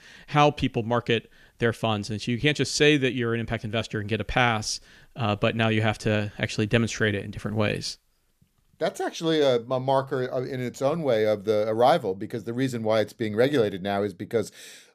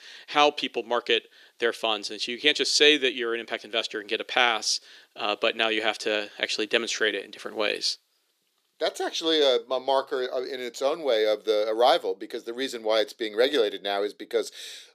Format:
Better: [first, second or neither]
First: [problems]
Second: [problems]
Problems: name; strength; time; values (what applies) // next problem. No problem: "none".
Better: first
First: none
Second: thin; somewhat; fading below 350 Hz